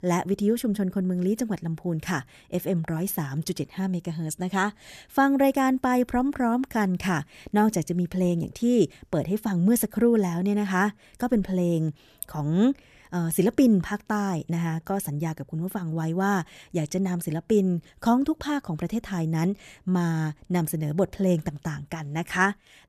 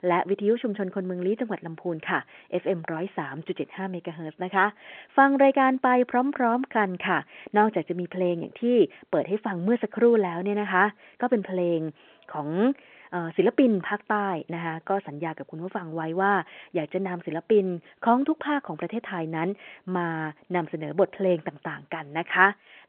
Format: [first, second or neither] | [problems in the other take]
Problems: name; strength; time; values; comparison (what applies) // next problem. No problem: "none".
first | phone-call audio